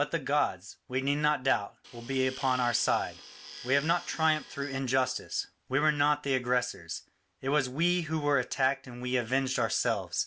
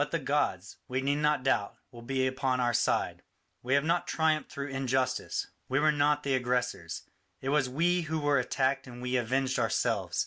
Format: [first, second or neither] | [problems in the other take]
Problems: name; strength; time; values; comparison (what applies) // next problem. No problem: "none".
second | background sound (Tools); 15 dB below the speech